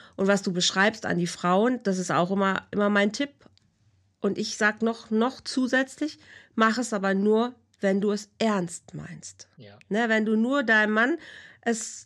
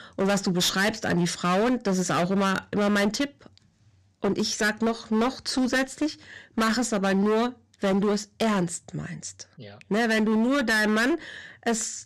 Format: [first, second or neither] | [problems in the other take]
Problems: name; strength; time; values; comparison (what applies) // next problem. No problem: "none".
first | distortion; heavy; 22% of the sound clipped